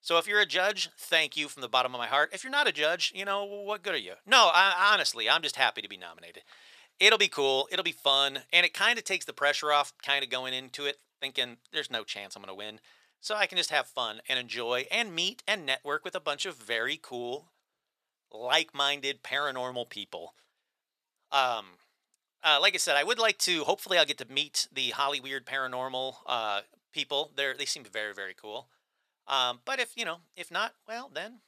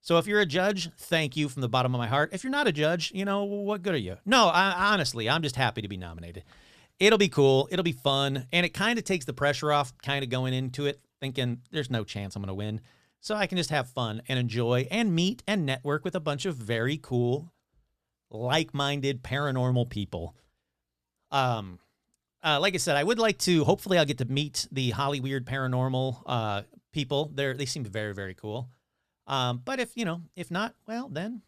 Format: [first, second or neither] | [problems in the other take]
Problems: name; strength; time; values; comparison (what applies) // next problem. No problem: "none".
second | thin; very; fading below 600 Hz